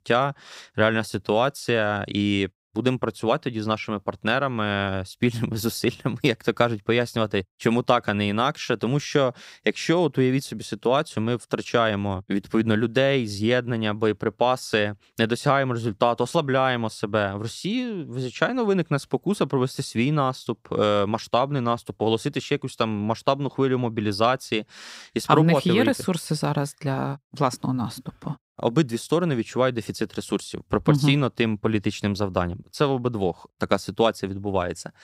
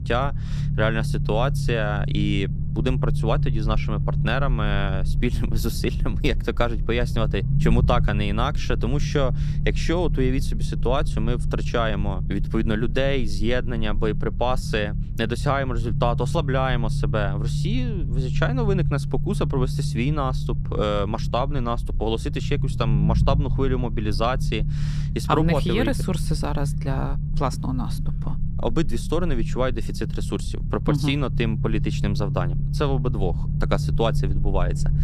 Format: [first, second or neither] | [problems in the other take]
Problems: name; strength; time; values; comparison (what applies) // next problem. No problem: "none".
first | low rumble; noticeable; throughout; 10 dB below the speech